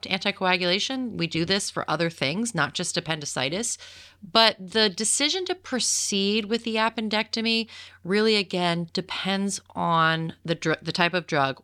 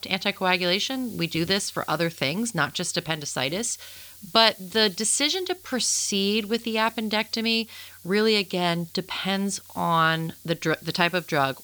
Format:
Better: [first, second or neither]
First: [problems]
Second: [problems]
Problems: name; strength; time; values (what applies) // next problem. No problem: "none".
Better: first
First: none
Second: hiss; faint; throughout; 20 dB below the speech